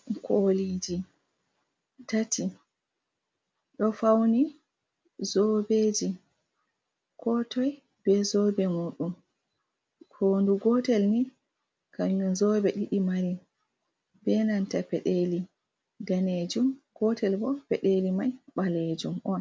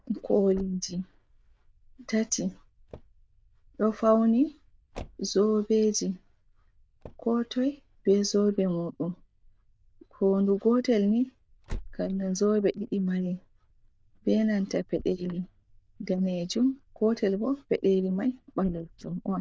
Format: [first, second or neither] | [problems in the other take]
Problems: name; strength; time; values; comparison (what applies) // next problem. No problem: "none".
first | noise reduction (neural diffusion model UNIVERSE++)